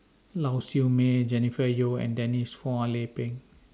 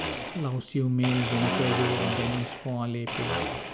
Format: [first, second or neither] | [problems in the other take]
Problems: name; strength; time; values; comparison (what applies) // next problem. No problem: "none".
first | background sound (Domestic sounds, home sounds); 3 dB below the speech